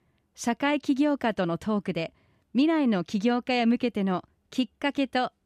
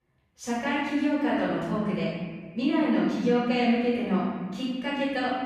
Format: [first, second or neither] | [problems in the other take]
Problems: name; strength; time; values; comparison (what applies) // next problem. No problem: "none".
first | off-mic speech; far // room echo; strong; dies away in 1.5 s